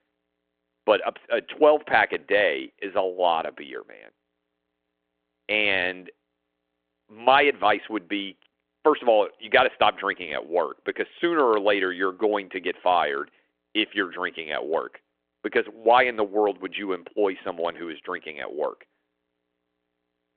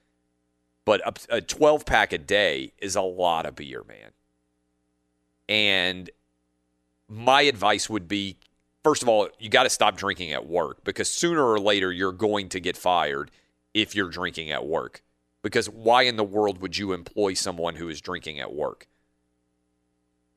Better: second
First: phone-call audio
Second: none

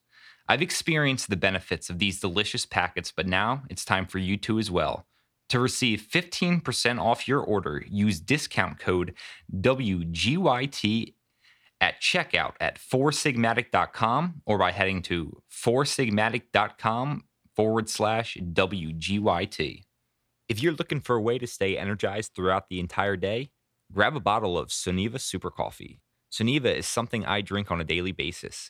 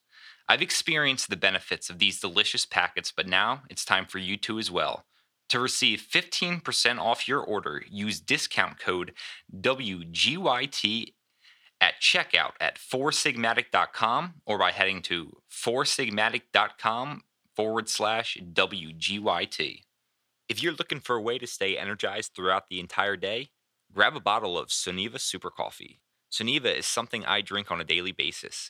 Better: first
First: none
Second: thin; somewhat; fading below 450 Hz

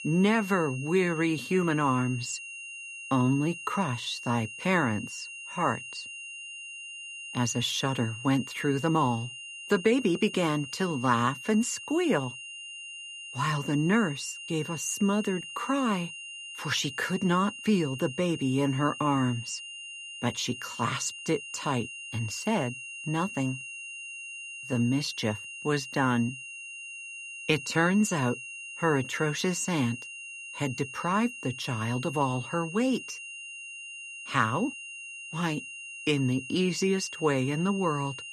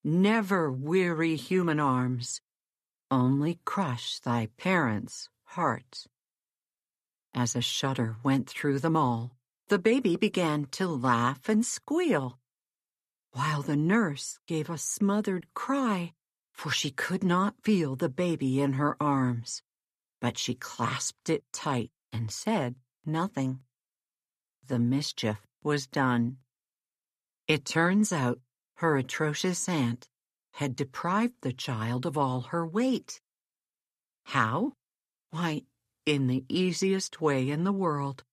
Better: second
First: high-pitched whine; noticeable; throughout; 3 kHz, 10 dB below the speech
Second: none

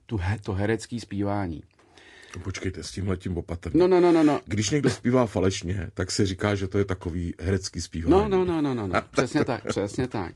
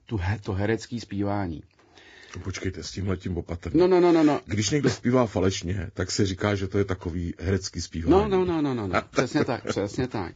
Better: first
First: garbled, watery; slightly; nothing above 10.5 kHz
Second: garbled, watery; badly; nothing above 7.5 kHz

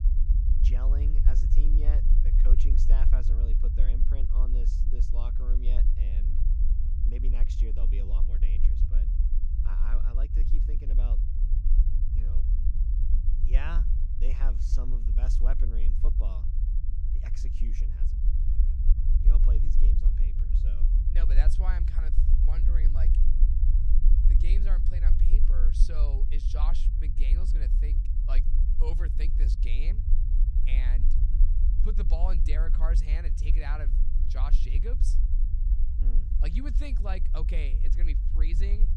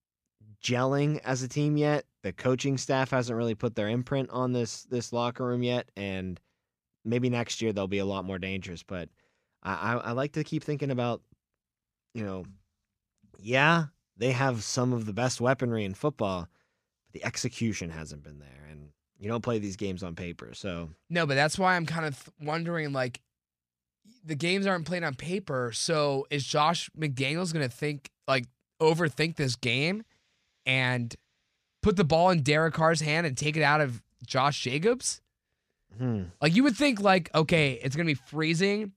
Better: second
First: low rumble; loud; throughout; 4 dB below the speech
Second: none

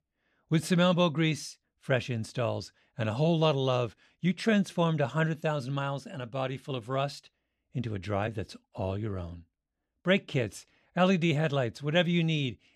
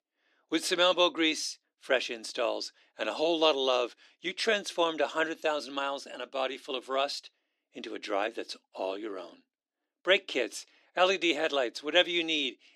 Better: first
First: none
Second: thin; very; fading below 300 Hz

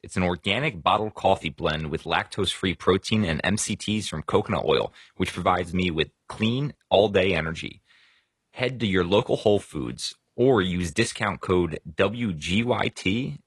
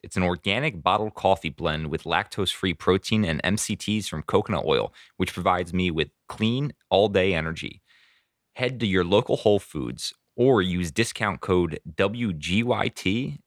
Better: second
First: garbled, watery; slightly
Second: none

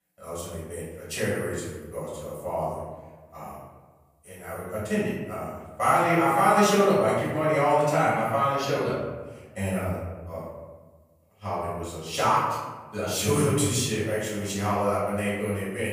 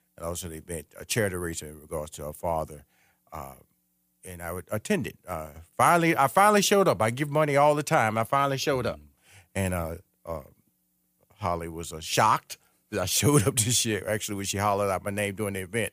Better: second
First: off-mic speech; far // room echo; strong; dies away in 1.2 s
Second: none

